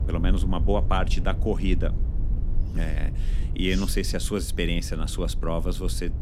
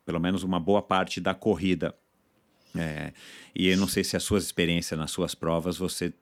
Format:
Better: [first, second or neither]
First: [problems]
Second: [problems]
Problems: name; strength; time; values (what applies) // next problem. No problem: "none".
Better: second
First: low rumble; noticeable; throughout; 15 dB below the speech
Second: none